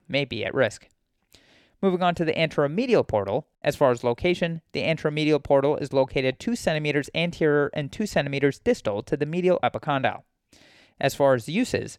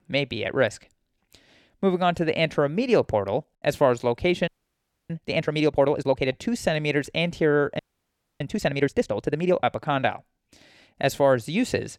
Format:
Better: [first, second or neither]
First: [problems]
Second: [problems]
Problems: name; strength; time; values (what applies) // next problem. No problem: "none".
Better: first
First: none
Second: audio freezing; at 4.5 s for 0.5 s and at 8 s for 0.5 s